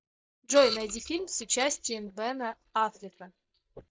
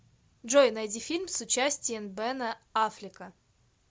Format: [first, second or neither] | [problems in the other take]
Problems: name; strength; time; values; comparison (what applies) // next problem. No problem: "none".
second | noise reduction (neural mask model DeepFilterNet 3)